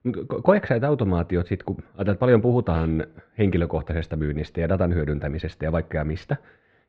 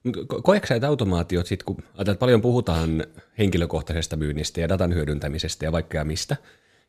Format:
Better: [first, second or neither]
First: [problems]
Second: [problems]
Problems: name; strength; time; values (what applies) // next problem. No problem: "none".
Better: second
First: muffled; very; fading above 2.5 kHz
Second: none